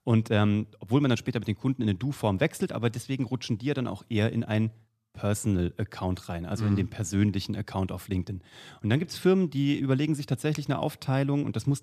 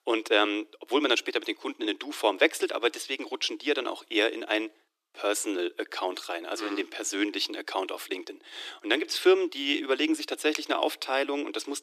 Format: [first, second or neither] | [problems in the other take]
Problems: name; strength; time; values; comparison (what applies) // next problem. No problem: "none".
first | thin; very; fading below 300 Hz